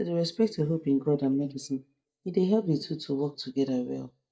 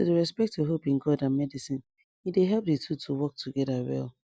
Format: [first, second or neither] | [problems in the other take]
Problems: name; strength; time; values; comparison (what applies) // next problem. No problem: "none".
second | noise reduction (neural mask model DeepFilterNet 3)